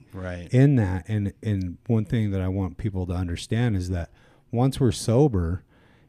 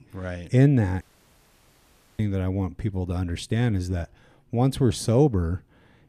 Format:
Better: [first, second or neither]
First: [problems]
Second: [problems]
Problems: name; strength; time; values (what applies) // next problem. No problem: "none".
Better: first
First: none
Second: audio cutting out; at 1 s for 1 s